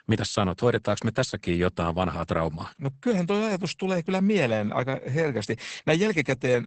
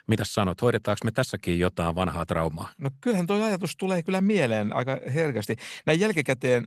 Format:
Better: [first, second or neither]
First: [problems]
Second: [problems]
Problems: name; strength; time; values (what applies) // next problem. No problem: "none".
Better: second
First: garbled, watery; badly; nothing above 8 kHz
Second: garbled, watery; slightly; nothing above 14 kHz